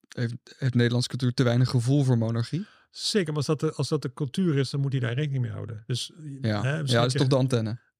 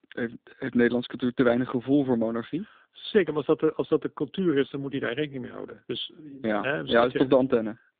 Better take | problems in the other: first | phone-call audio; nothing above 3.5 kHz

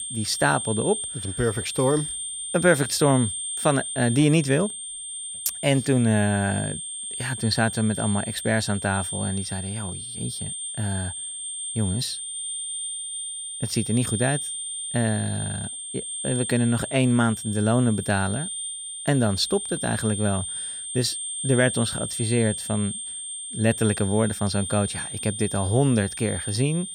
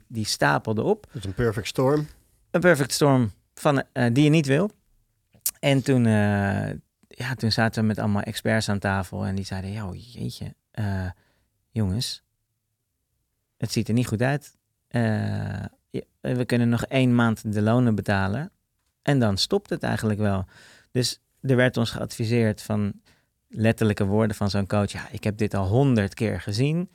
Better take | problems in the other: second | high-pitched whine; loud; throughout; 9 kHz, 5 dB below the speech

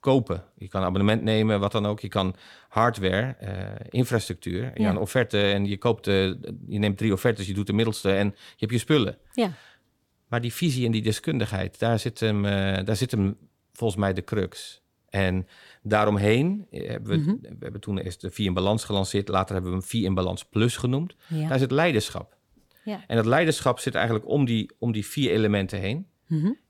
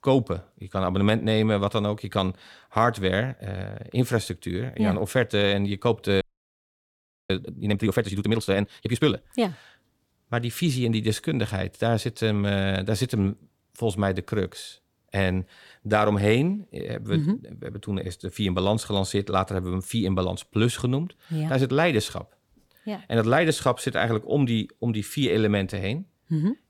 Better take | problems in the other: first | audio freezing; at 6 s for 1 s

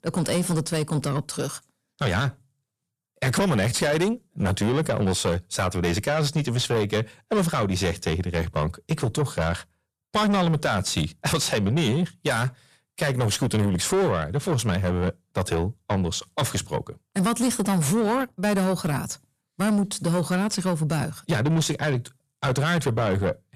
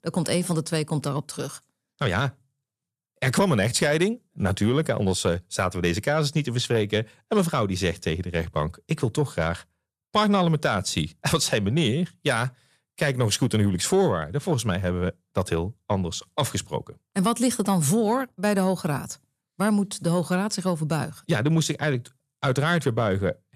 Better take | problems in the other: second | distortion; slight; 10 dB below the speech

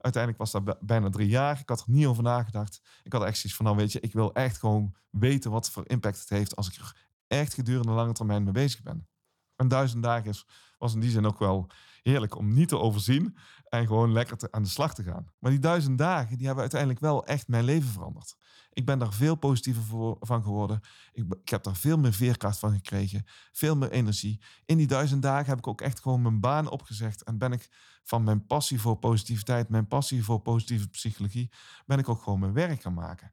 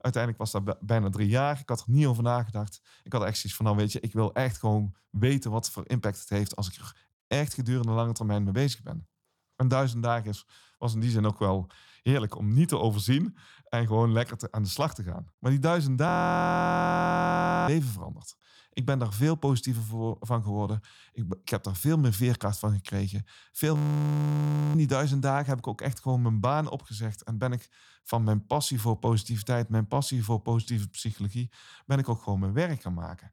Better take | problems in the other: first | audio freezing; at 16 s for 1.5 s and at 24 s for 1 s

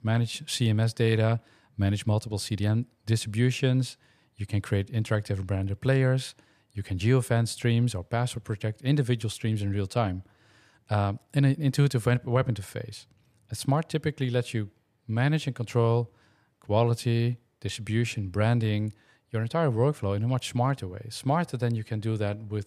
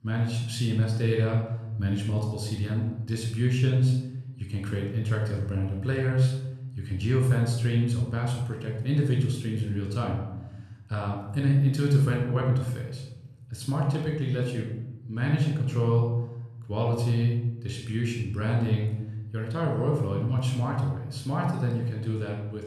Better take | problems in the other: first | off-mic speech; somewhat distant // room echo; noticeable; dies away in 1 s

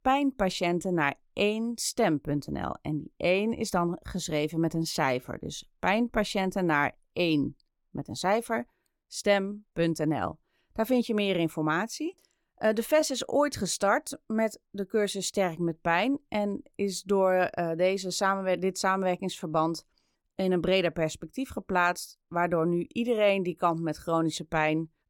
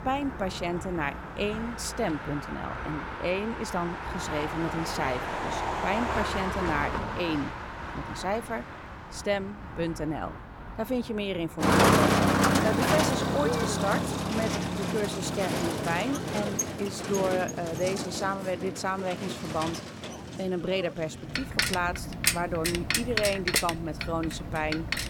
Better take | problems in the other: first | traffic noise; very loud; throughout; 2 dB above the speech

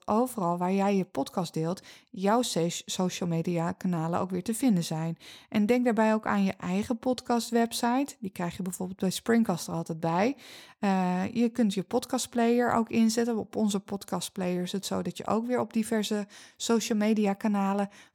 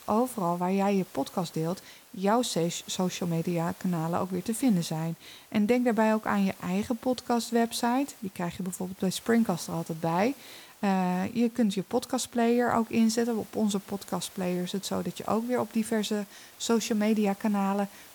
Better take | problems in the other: first | hiss; faint; throughout; 20 dB below the speech

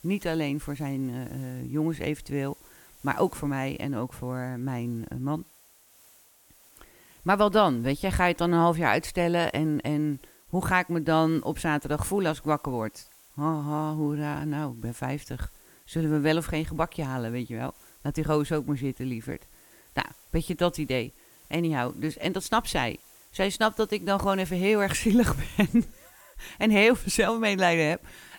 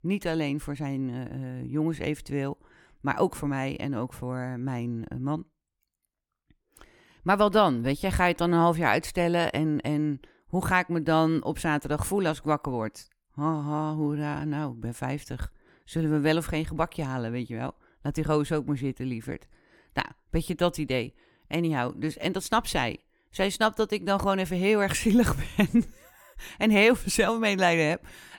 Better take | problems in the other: second | hiss; faint; throughout; 25 dB below the speech

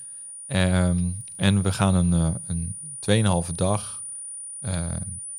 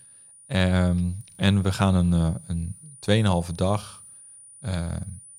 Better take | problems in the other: second | high-pitched whine; loud; throughout; 9.5 kHz, 10 dB below the speech; faint in the second

